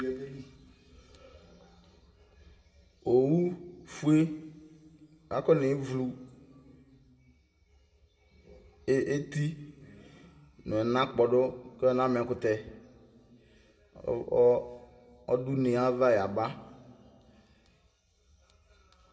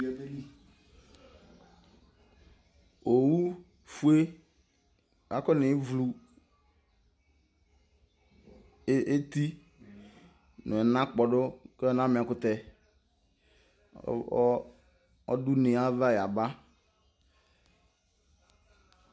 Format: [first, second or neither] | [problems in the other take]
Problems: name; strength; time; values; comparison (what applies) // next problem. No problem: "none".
second | room echo; dies away in 1 s